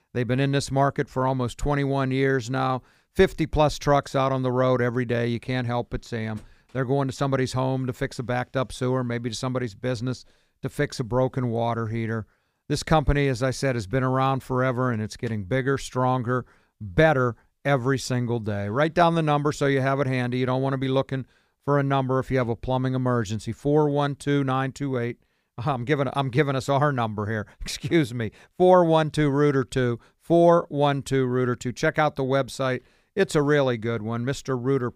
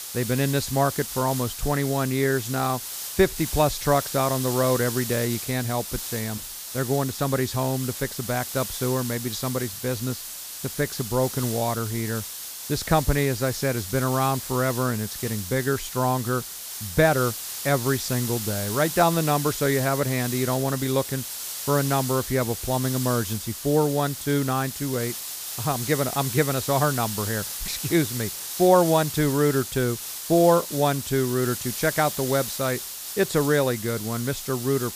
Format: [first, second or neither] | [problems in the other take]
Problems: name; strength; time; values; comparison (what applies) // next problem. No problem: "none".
first | hiss; loud; throughout; 6 dB below the speech